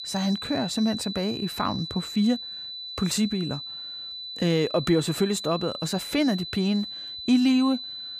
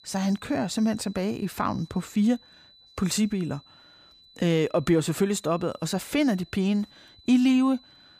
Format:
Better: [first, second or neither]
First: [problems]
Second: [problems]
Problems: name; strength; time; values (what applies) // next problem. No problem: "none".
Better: second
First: high-pitched whine; loud; throughout; 4 kHz, 8 dB below the speech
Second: high-pitched whine; faint; throughout; 4 kHz, 25 dB below the speech